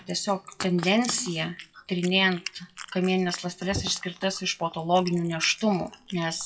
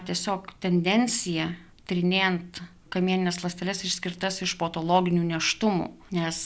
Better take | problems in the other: second | noise reduction (classical method WPE with log-MMSE)

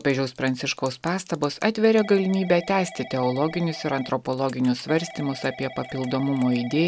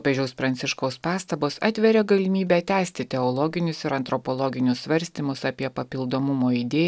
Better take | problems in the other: second | background sound (Telephone / Typing); 18 dB below the speech

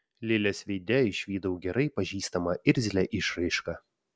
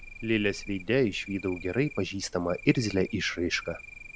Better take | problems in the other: first | background sound (Cricket); 16 dB below the speech

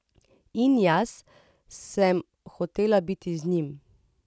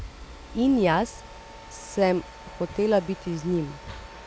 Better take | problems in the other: first | background sound (Mechanisms); 15 dB below the speech

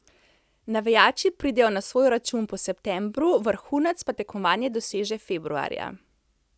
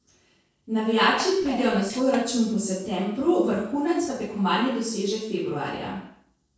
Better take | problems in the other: first | noise reduction (neural separator model SepFormer DNS4)

